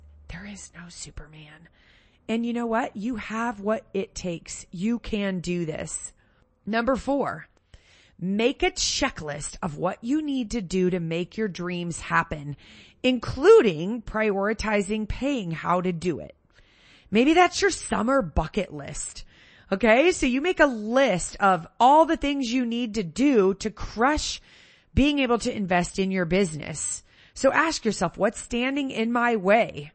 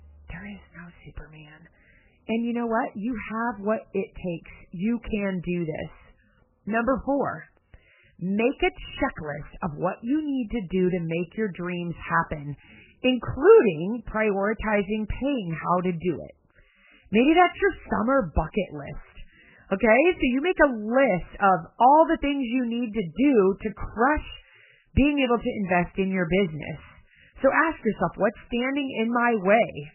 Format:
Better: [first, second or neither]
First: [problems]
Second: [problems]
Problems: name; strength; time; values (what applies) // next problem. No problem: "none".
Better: first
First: garbled, watery; slightly; nothing above 8 kHz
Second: garbled, watery; badly; nothing above 3 kHz